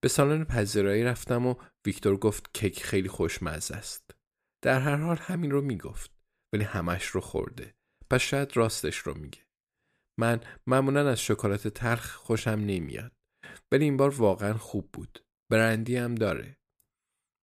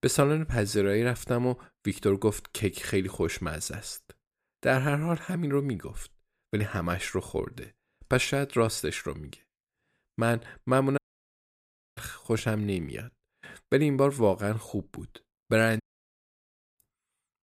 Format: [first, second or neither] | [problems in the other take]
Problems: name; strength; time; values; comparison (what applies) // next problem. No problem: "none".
first | audio cutting out; at 11 s for 1 s and at 16 s for 1 s